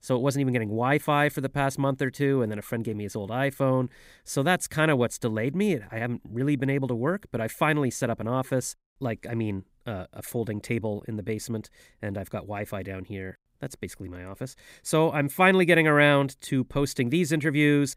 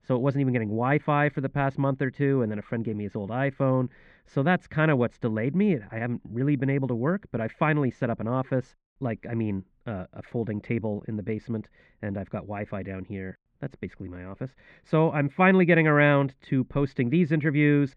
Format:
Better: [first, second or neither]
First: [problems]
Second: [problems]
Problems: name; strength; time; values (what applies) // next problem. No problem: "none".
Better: first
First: none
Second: muffled; very; fading above 2.5 kHz